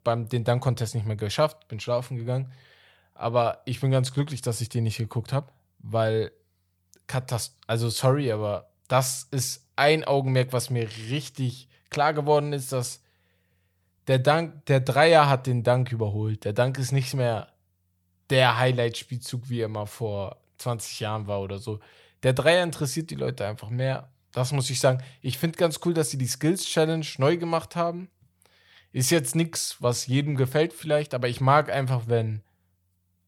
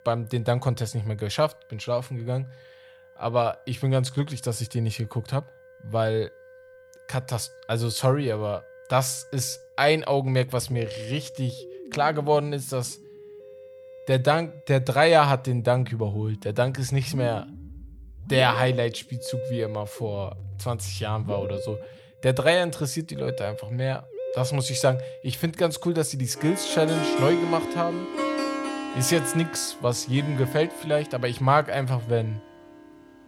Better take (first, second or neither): first